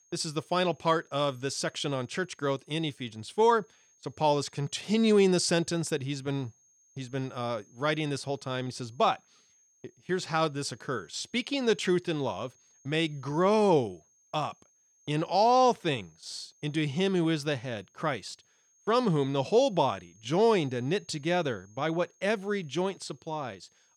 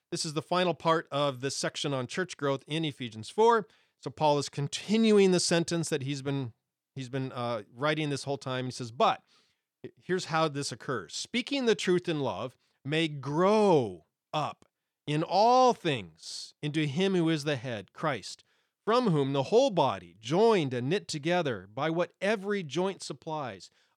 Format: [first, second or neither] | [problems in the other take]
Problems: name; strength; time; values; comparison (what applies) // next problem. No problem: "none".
second | high-pitched whine; faint; throughout; 6.5 kHz, 35 dB below the speech